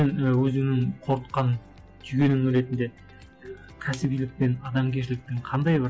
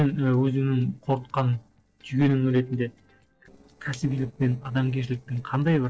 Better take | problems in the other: first | noise reduction (neural separator model SepFormer DNS4)

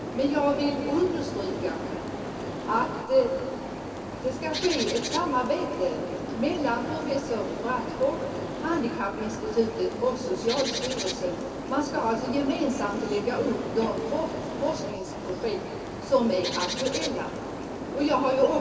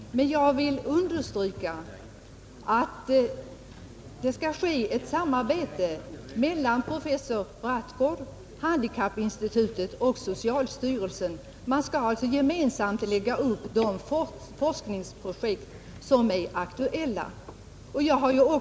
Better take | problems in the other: second | background sound (Bird); 6 dB below the speech // room echo; dies away in 2.5 s

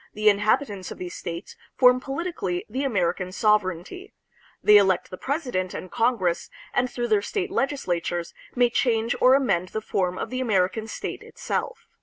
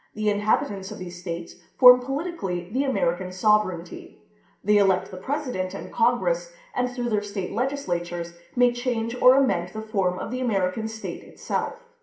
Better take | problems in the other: first | room echo; dies away in 0.5 s

